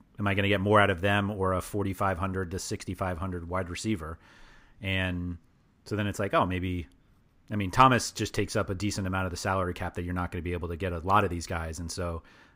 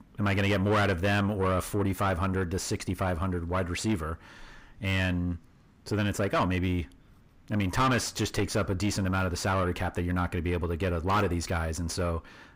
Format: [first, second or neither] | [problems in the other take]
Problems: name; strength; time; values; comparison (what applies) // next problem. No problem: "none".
first | distortion; heavy; 6 dB below the speech